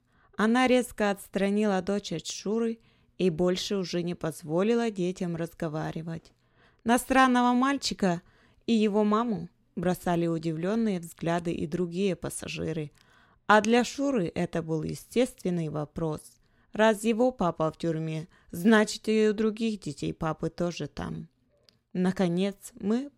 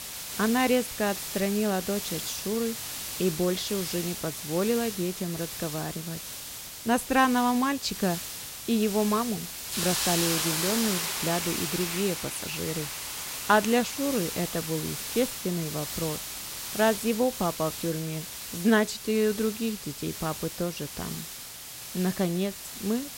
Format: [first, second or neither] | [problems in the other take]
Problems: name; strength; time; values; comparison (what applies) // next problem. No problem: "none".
first | hiss; loud; throughout; 4 dB below the speech